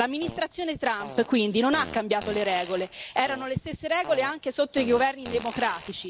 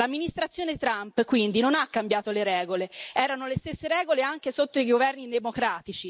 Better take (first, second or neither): second